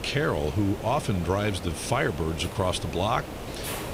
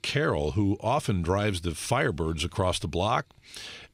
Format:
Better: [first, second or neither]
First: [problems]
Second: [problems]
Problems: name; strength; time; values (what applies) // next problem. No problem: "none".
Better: second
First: hiss; loud; throughout; 10 dB below the speech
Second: none